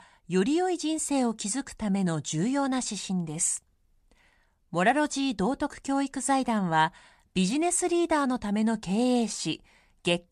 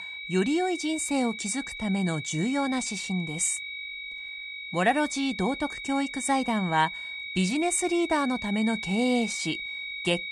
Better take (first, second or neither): first